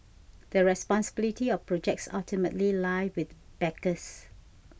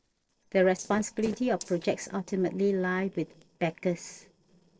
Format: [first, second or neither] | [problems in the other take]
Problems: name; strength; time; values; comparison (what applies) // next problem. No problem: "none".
first | noise reduction (neural separator model SepFormer DNS4)